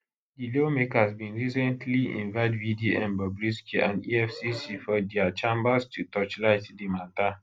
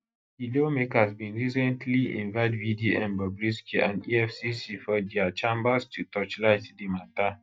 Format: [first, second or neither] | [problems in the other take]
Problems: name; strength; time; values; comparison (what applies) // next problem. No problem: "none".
first | noise reduction (neural mask model DeepFilterNet 3)